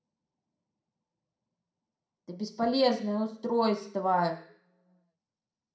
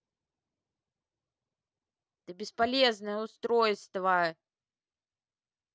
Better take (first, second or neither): second